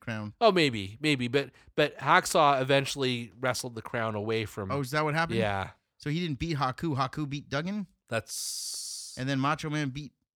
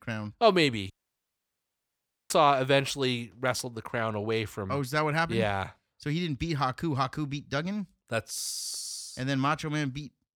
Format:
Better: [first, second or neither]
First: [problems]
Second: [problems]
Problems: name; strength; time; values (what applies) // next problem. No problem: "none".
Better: first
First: none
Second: audio cutting out; at 1 s for 1.5 s